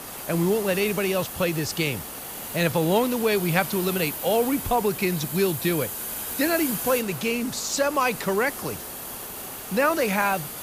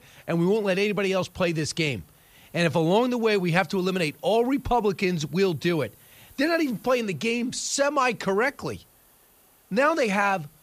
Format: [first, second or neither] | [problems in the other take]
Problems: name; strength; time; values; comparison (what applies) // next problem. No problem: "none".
second | hiss; loud; throughout; 7 dB below the speech; faint in the second